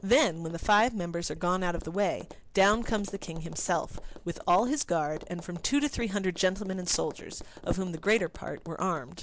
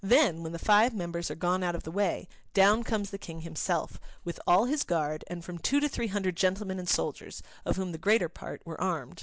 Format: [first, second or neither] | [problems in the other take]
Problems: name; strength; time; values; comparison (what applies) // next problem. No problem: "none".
second | background sound (Tap); 18 dB below the speech